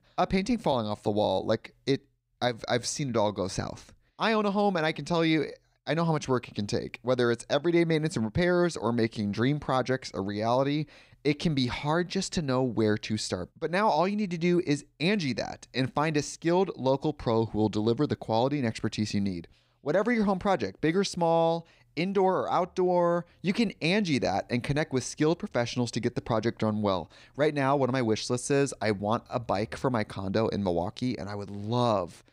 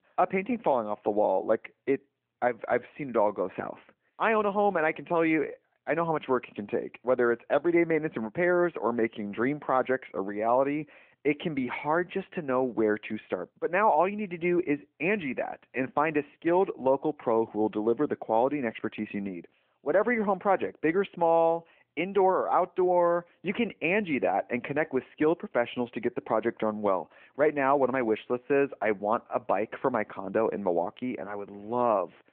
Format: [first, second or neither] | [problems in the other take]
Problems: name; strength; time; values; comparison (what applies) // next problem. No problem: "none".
first | phone-call audio